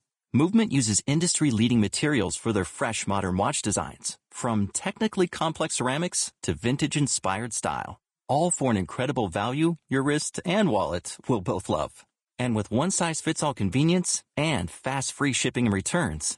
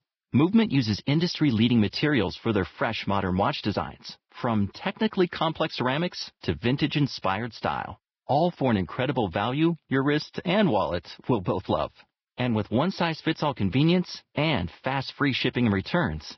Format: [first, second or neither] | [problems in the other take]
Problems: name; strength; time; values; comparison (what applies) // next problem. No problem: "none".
first | garbled, watery; badly; nothing above 5.5 kHz; slightly in the first